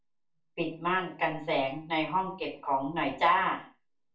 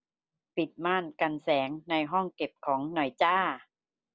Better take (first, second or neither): second